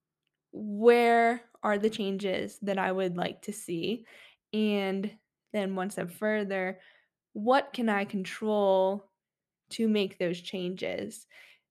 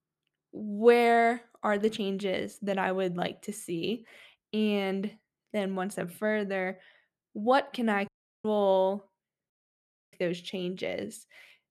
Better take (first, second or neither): first